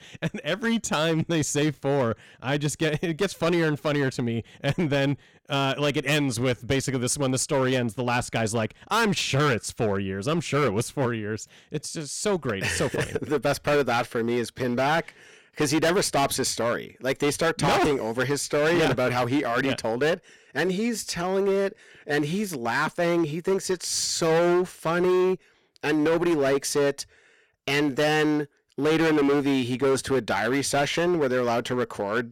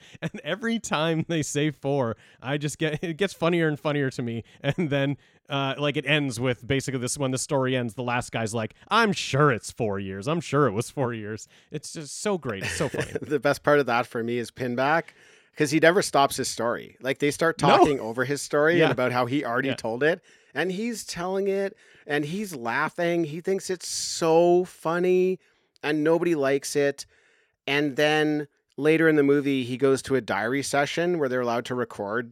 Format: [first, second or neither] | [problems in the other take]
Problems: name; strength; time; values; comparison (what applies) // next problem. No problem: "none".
second | distortion; heavy; 13% of the sound clipped